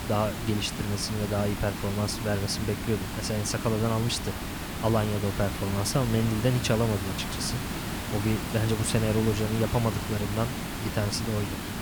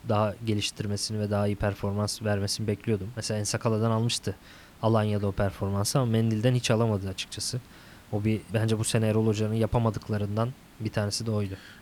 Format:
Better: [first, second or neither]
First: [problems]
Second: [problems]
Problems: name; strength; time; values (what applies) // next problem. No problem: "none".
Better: second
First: hiss; loud; throughout; 4 dB below the speech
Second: hiss; faint; throughout; 25 dB below the speech